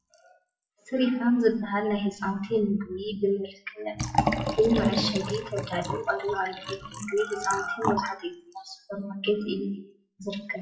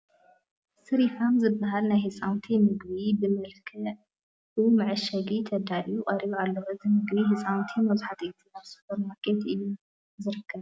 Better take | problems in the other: second | noise reduction (classical method WPE with log-MMSE)

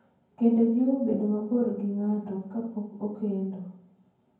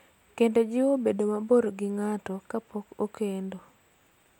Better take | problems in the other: second | room echo; dies away in 0.9 s

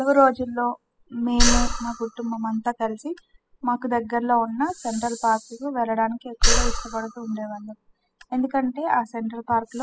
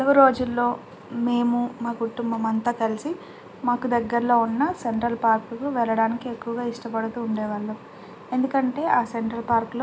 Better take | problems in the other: second | noise reduction (classical method spectral subtraction)

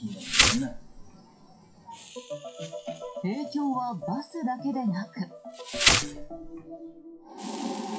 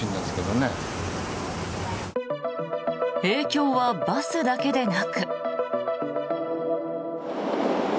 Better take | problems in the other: second | noise reduction (classical method WPE with log-MMSE)

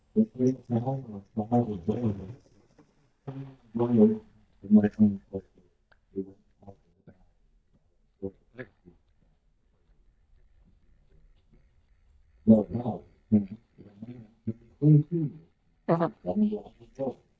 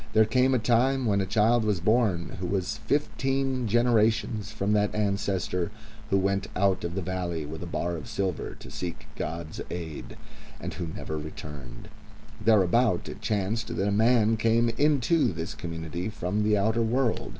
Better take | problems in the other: second | noise reduction (neural mask model DeepFilterNet 3)

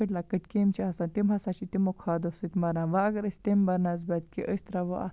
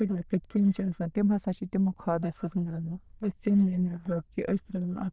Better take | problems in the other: first | noise reduction (neural diffusion model UNIVERSE++)

